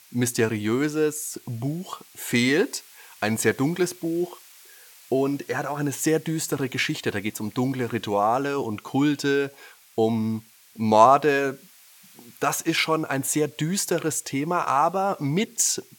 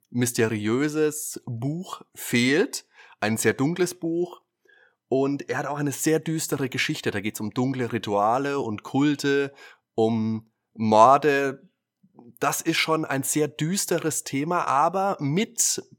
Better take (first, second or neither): second